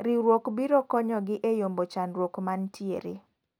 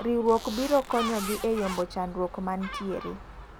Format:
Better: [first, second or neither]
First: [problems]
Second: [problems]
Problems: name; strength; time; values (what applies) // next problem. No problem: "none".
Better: first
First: none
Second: background sound (Gull, seagull + Zipper (clothing)); 10 dB below the speech